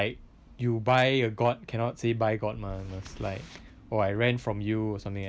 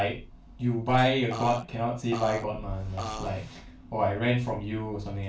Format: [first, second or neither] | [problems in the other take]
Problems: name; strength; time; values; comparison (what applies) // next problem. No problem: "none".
first | background sound (Burping, eructation); 7 dB below the speech // room echo; dies away in 0.3 s